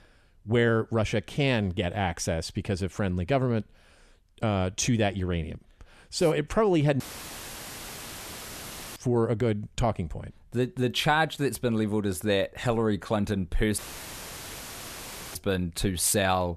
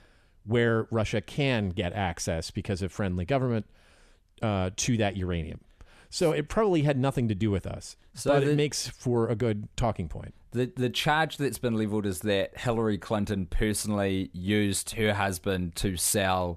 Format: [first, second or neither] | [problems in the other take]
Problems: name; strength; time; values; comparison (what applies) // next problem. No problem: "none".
second | audio cutting out; filled with static; at 7 s for 2 s and at 14 s for 1.5 s